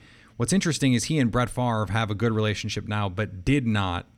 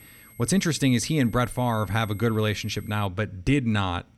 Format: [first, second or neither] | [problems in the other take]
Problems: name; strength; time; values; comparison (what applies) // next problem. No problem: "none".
first | high-pitched whine; faint; until 3 s; 2 kHz, 25 dB below the speech